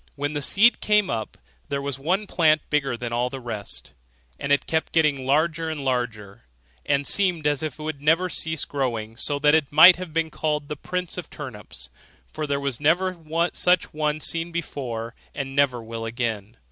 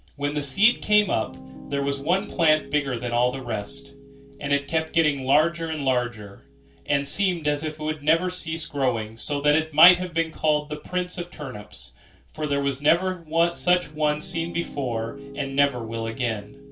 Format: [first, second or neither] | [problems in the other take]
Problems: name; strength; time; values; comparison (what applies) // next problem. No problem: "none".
first | background sound (Piano); 18 dB below the speech // room echo; dies away in 0.2 s